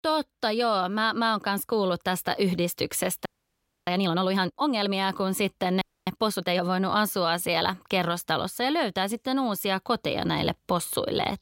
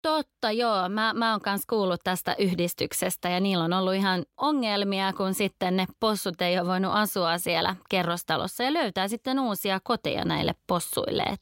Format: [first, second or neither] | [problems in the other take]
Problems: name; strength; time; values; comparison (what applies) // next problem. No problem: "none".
second | audio freezing; at 3.5 s for 0.5 s and at 6 s